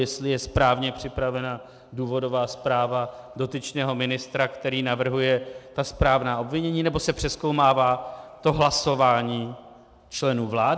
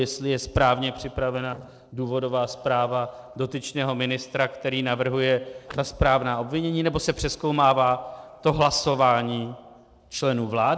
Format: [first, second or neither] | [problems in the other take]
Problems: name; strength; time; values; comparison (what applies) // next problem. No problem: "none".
first | noise reduction (neural separator model SepFormer DNS4)